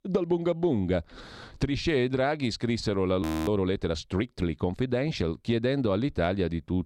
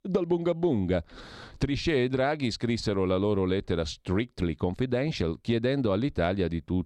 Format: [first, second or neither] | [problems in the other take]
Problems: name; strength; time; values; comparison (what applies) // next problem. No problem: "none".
second | audio freezing; at 3 s